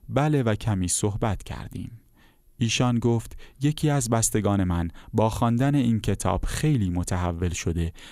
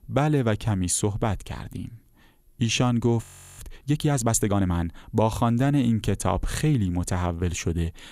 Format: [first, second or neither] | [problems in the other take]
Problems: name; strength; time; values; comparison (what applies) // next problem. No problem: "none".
first | audio freezing; at 3 s